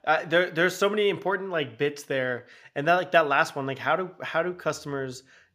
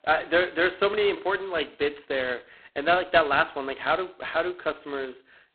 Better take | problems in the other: first | phone-call audio; poor line; nothing above 4 kHz

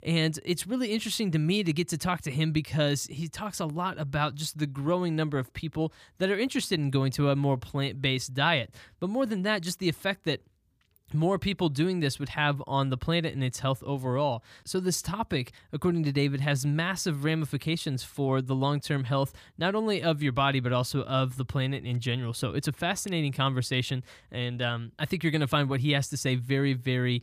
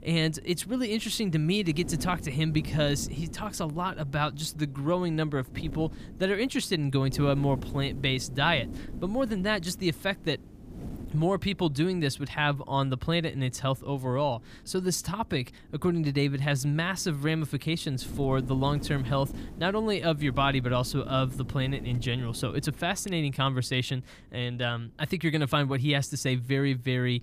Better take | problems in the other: first | wind noise on the microphone; occasional gusts; 20 dB below the speech

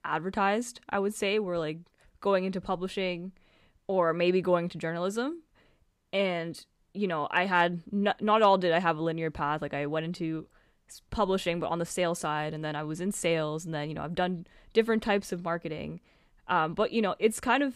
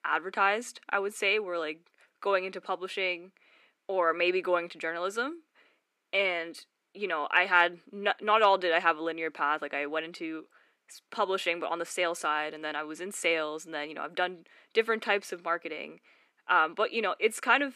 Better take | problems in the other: first | thin; somewhat; fading below 300 Hz

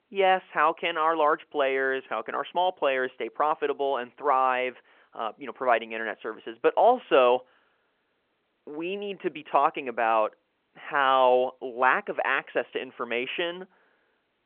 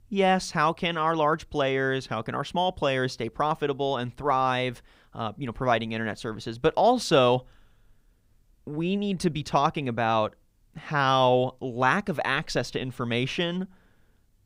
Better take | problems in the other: second | phone-call audio

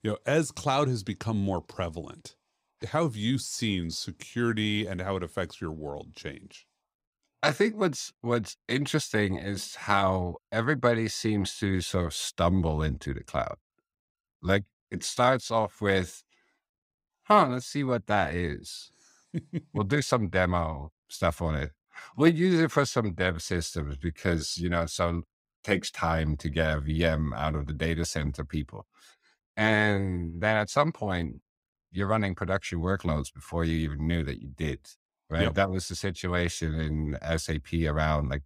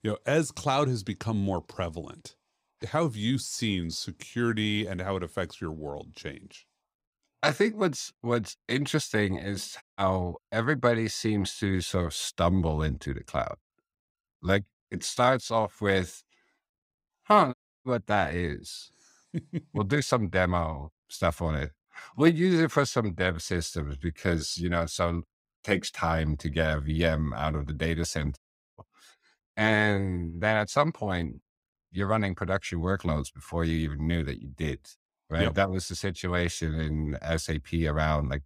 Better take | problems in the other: first | audio cutting out; at 10 s, at 18 s and at 28 s

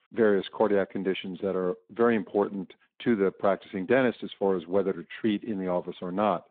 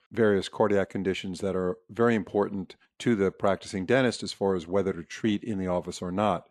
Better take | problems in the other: second | phone-call audio; nothing above 3.5 kHz

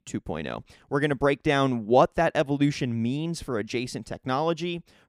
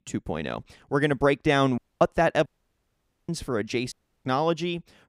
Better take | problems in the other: first | audio cutting out; at 2 s, at 2.5 s for 1 s and at 4 s

